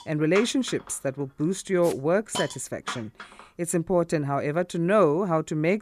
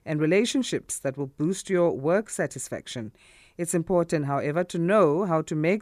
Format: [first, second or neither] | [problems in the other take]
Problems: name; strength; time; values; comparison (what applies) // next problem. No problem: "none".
second | hiss; noticeable; until 3.5 s; 15 dB below the speech